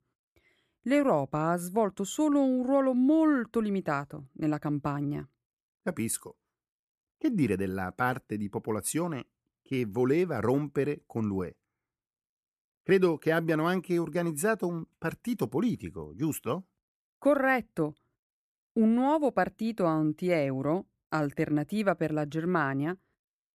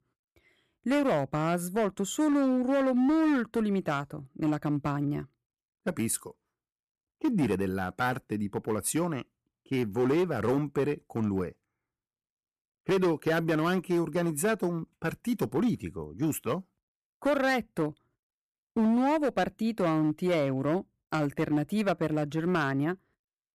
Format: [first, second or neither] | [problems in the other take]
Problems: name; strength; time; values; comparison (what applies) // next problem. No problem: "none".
first | distortion; slight; 7% of the sound clipped